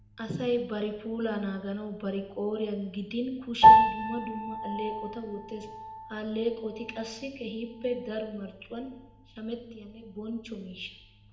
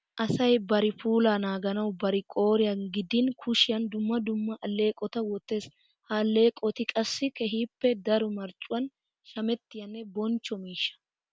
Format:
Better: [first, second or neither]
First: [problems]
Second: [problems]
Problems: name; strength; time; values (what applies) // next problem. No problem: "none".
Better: second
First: background sound (Piano); 4 dB above the speech // room echo; dies away in 0.8 s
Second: none